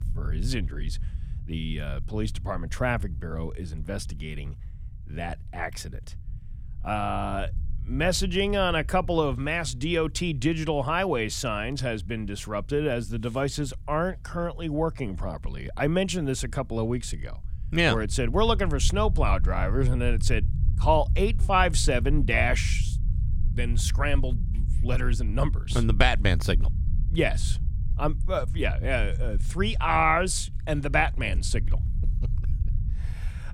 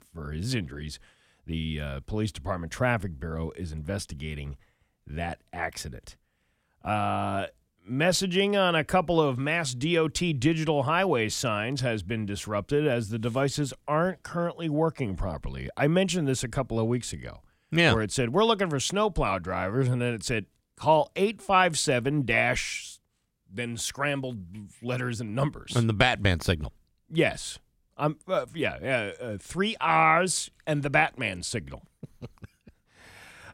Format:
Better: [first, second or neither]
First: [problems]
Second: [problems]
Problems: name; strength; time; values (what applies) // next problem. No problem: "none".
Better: second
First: low rumble; faint; throughout; 20 dB below the speech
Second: none